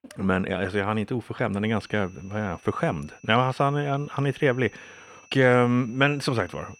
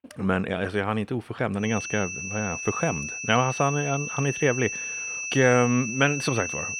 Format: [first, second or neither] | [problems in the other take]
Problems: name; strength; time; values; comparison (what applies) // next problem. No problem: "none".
first | high-pitched whine; loud; from 1.5 s on; 2.5 kHz, 5 dB below the speech; faint in the first